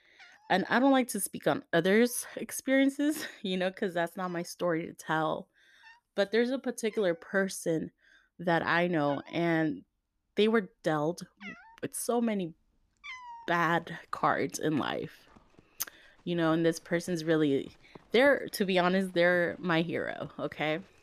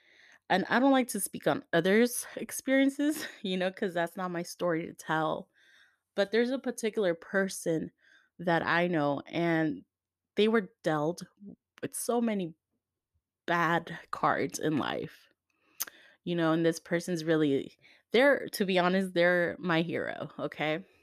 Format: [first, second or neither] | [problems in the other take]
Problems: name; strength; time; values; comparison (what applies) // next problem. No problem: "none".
second | animal sounds; faint; throughout; 25 dB below the speech